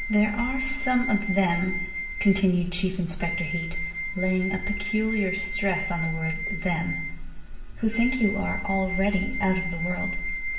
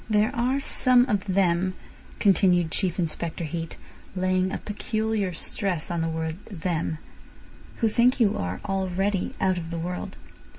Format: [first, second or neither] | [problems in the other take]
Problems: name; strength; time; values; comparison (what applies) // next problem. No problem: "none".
second | background sound (Wind instrument, woodwind instrument); 7 dB below the speech // room echo; dies away in 0.8 s